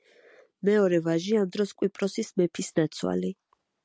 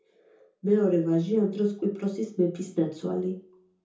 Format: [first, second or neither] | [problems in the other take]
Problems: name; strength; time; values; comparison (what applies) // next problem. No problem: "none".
first | room echo; dies away in 0.6 s